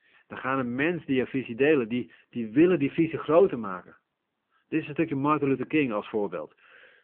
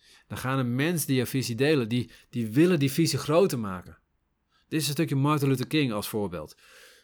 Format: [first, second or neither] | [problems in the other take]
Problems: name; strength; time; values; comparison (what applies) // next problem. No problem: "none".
second | phone-call audio